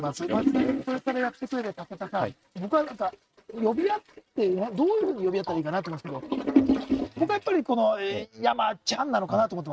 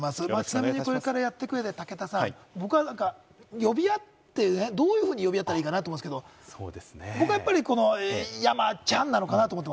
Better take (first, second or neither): second